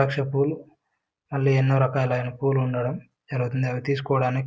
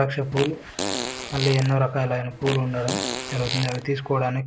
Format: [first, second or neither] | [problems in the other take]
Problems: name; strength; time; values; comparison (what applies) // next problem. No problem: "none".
first | background sound (Fart); 7 dB below the speech